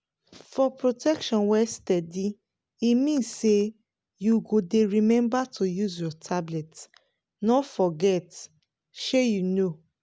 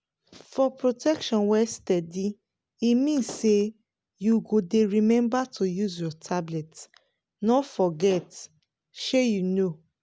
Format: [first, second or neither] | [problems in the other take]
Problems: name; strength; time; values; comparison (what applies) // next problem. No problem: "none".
first | background sound (Slam / Wood); 17 dB below the speech